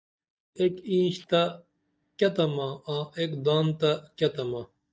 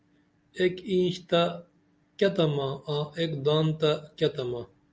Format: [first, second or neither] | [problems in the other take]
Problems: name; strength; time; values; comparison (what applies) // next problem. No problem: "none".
second | noise reduction (neural mask model DeepFilterNet 3)